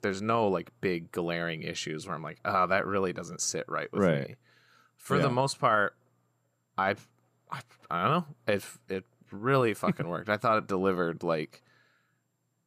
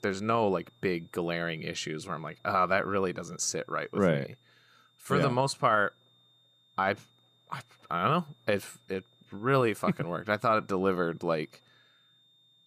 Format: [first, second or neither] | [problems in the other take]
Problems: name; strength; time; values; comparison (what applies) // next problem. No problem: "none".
first | high-pitched whine; faint; throughout; 3.5 kHz, 35 dB below the speech